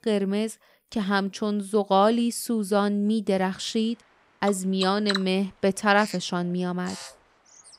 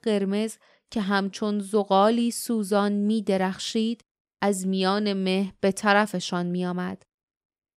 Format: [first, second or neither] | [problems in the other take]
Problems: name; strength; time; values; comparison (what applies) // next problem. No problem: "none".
second | animal sounds; noticeable; throughout; 10 dB below the speech